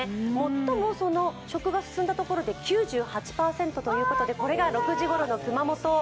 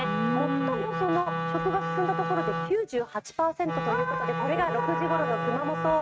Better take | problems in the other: first | noise reduction (neural mask model RNNoise)

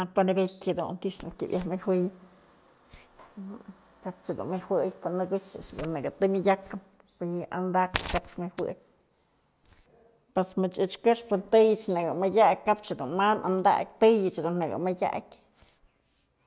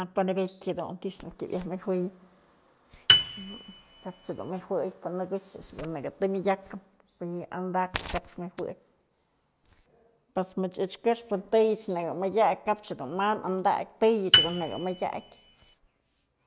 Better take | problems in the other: first | background sound (Piano); 3 dB above the speech

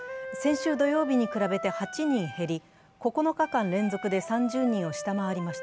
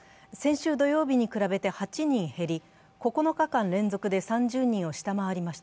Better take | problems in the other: second | background sound (Wind instrument, woodwind instrument); 11 dB below the speech

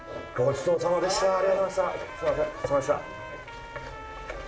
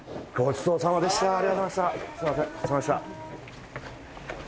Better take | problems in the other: second | background sound (Trumpet); 15 dB below the speech // room echo; dies away in 0.6 s

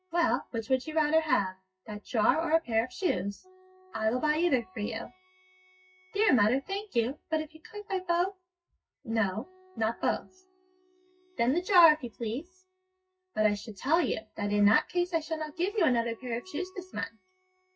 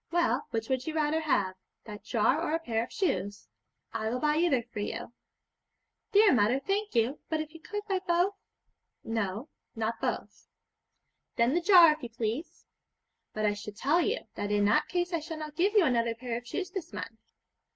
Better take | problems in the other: second | noise reduction (classical method WPE with log-MMSE)

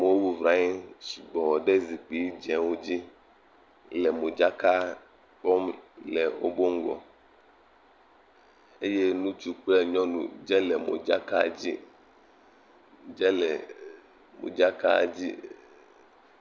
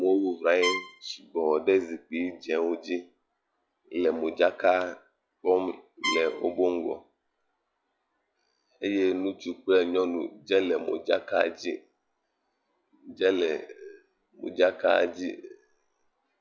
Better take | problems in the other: first | noise reduction (classical method log-MMSE)

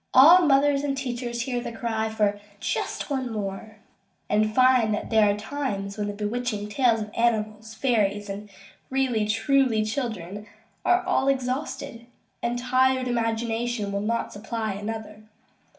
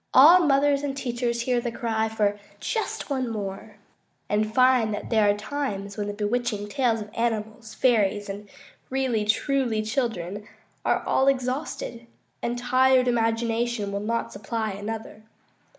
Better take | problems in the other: second | room echo; dies away in 0.2 s

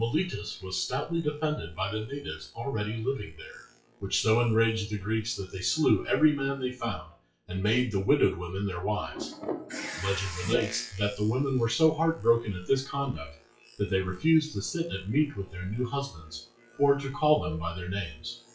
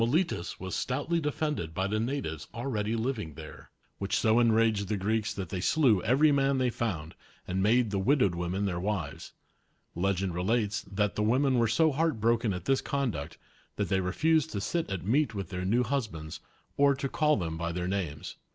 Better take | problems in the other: second | noise reduction (classical method WPE with log-MMSE)

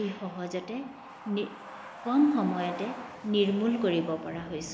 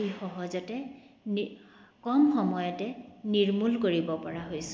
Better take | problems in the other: second | background sound (Truck); 14 dB below the speech

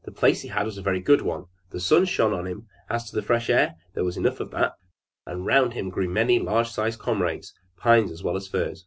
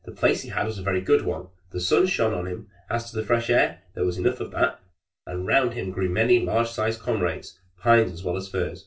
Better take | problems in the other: first | room echo; dies away in 0.2 s

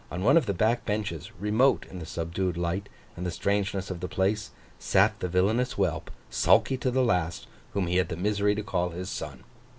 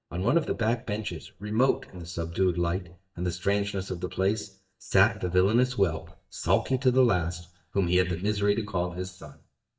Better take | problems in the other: first | noise reduction (neural mask model DeepFilterNet 3)

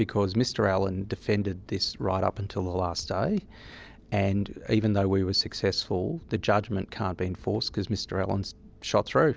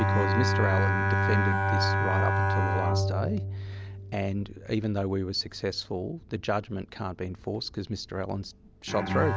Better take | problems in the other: first | background sound (Bowed string instrument); 3 dB above the speech

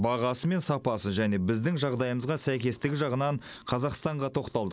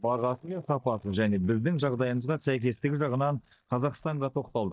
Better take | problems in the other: first | noise reduction (neural mask model DeepFilterNet 3)

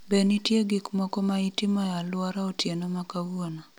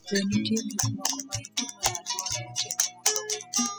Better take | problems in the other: first | noise reduction (classical method spectral subtraction)

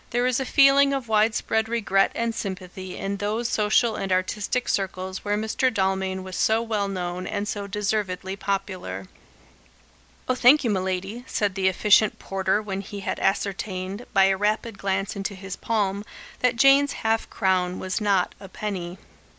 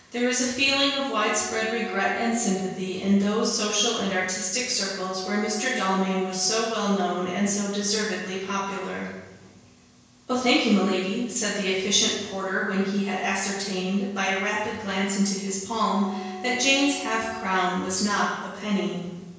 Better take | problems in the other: first | background sound (Wind instrument, woodwind instrument); 14 dB below the speech // room echo; dies away in 1 s

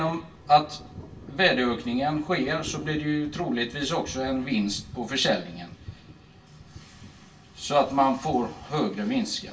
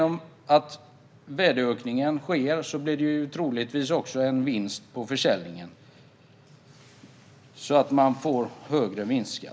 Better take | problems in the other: second | background sound (Thunder); 19 dB below the speech // room echo; dies away in 0.2 s

